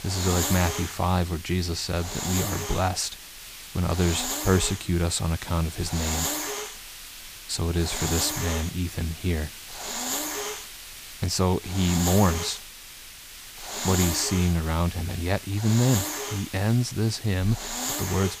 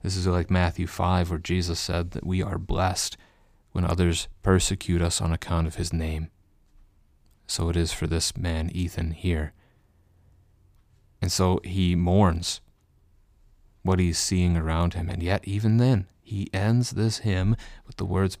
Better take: second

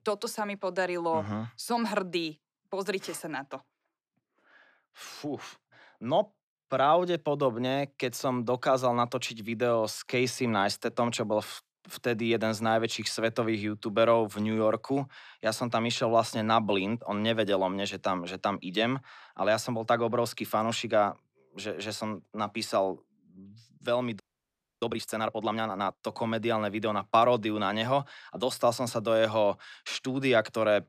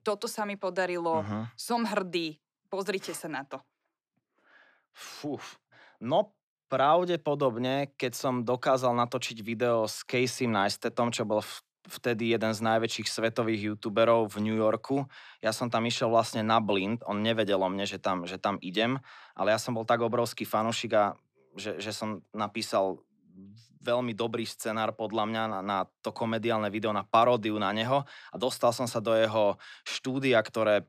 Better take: second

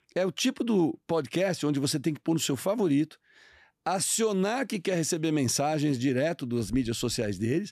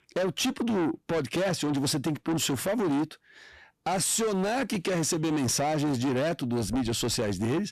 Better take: first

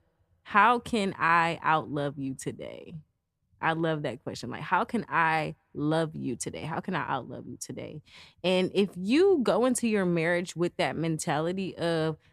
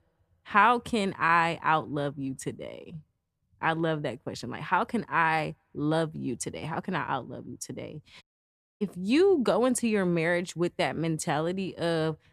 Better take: first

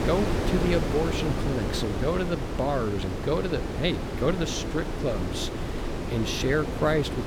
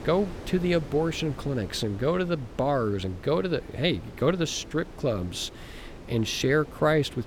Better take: second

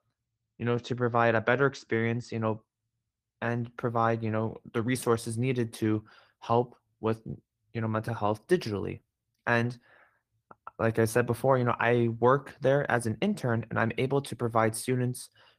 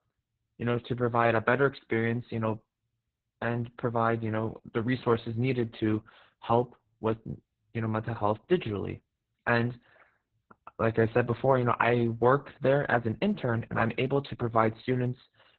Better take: first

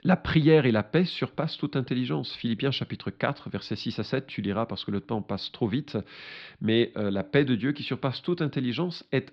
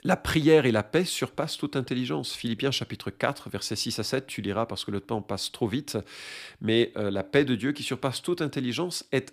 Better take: second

